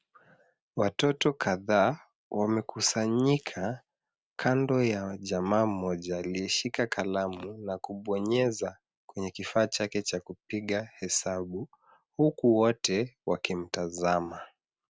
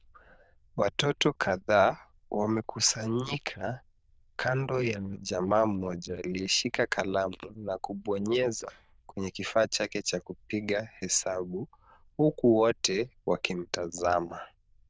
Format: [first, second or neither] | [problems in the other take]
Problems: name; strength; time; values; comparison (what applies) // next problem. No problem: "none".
first | noise reduction (neural diffusion model UNIVERSE++)